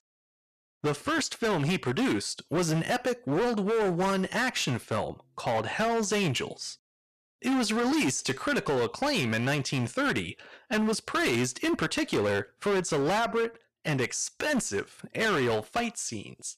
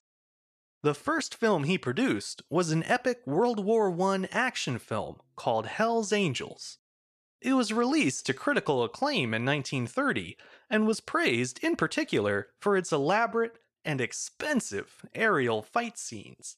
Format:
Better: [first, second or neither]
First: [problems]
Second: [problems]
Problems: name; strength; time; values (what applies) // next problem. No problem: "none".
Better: second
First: distortion; heavy; 18% of the sound clipped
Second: none